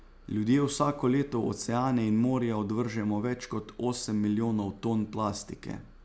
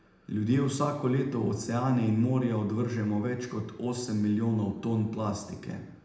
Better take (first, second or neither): first